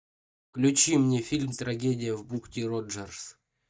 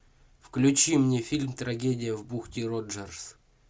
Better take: second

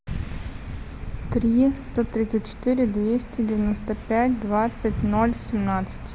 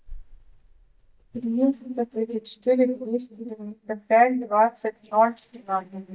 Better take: first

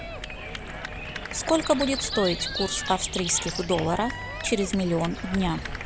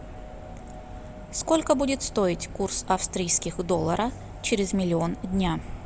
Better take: second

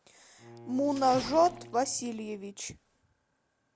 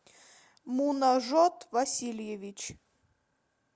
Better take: second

